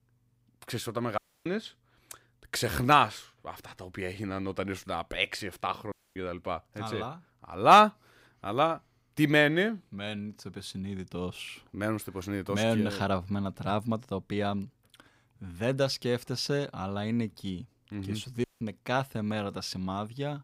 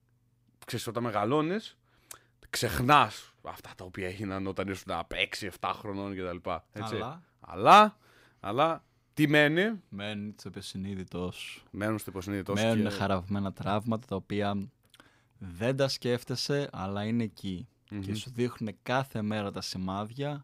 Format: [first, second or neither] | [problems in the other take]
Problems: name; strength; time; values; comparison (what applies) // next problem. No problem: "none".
second | audio cutting out; at 1 s, at 6 s and at 18 s